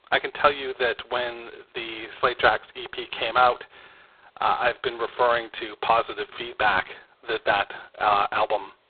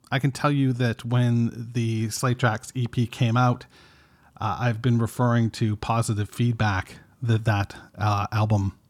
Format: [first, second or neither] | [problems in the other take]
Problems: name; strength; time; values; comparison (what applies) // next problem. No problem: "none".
second | phone-call audio; poor line; nothing above 4 kHz